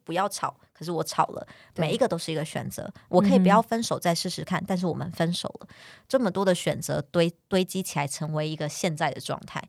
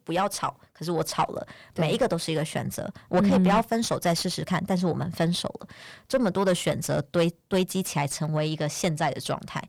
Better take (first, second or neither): first